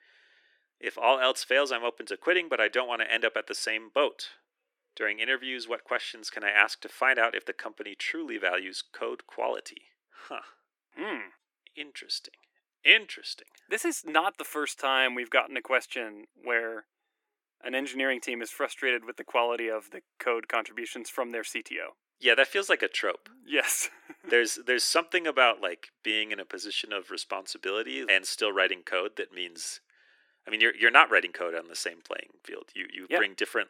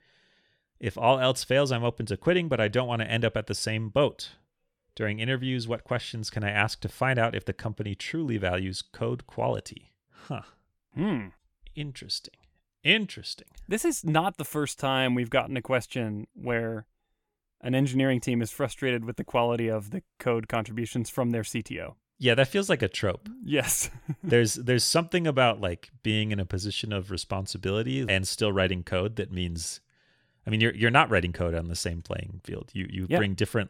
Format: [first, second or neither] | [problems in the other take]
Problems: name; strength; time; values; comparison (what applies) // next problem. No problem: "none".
second | thin; very; fading below 300 Hz